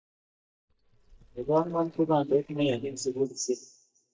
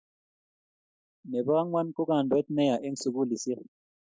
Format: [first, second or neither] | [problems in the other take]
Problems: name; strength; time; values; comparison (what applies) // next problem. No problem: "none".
second | noise reduction (neural mask model DeepFilterNet 3)